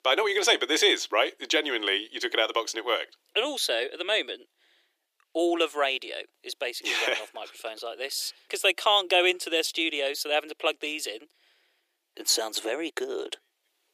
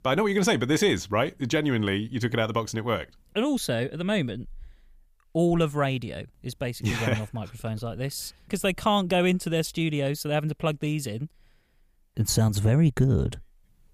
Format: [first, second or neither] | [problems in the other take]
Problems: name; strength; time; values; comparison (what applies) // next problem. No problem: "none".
second | thin; very; fading below 350 Hz